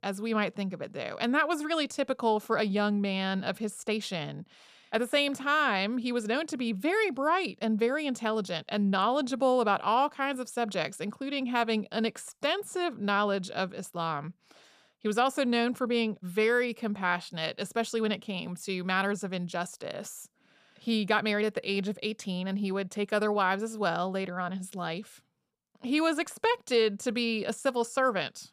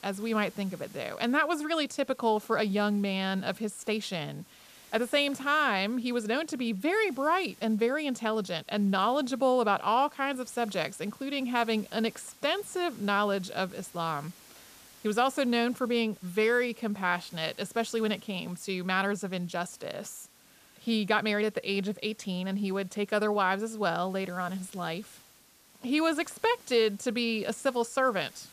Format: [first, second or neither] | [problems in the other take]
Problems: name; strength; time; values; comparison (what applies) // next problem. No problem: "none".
first | hiss; faint; throughout; 25 dB below the speech